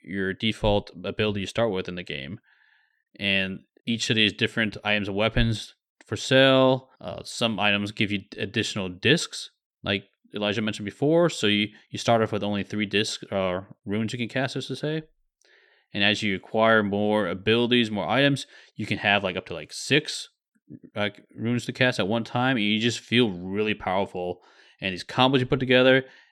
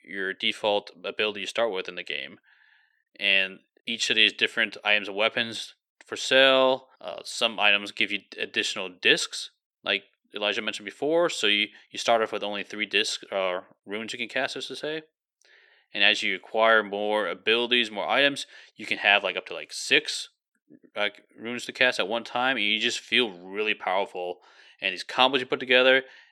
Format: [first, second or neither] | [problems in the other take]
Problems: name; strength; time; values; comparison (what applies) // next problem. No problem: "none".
first | thin; somewhat; fading below 450 Hz